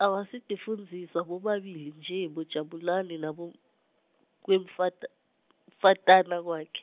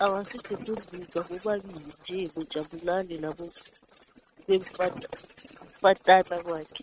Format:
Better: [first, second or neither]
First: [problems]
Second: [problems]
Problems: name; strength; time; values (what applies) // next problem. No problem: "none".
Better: first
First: none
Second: noise reduction (neural mask model RNNoise)